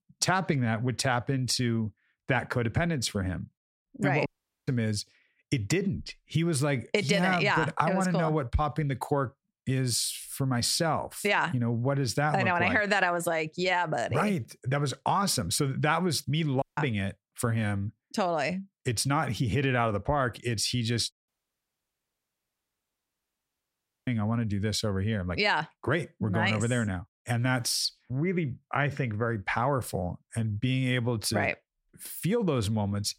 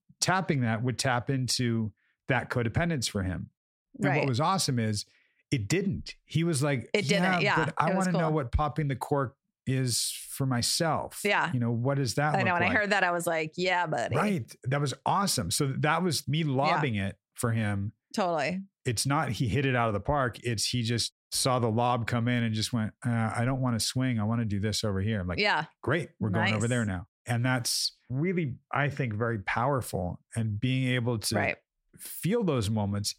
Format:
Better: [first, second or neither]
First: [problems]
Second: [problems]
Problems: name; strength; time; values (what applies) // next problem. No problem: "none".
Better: second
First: audio cutting out; at 4.5 s, at 17 s and at 21 s for 3 s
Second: none